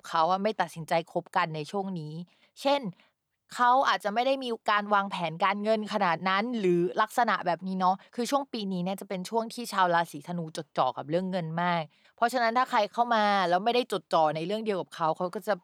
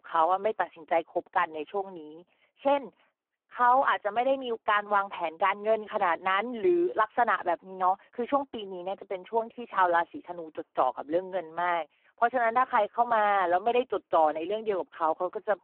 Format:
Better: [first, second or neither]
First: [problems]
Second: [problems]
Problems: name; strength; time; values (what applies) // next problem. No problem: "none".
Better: first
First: none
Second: phone-call audio; poor line